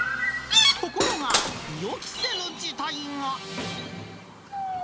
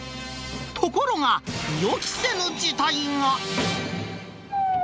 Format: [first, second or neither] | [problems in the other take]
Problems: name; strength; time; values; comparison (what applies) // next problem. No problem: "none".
second | background sound (Chirp, tweet + Cutlery, silverware / Dishes, pots, and pans); 4 dB above the speech